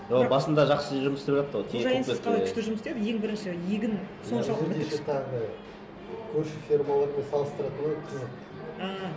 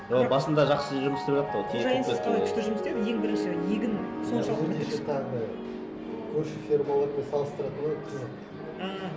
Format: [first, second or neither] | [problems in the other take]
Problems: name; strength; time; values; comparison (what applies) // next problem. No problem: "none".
first | background sound (Piano); 6 dB below the speech